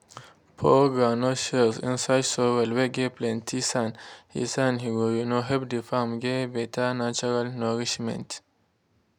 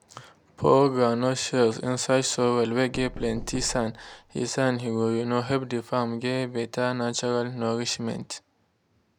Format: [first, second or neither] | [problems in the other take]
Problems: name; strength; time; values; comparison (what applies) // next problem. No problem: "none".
first | background sound (Knock); 14 dB below the speech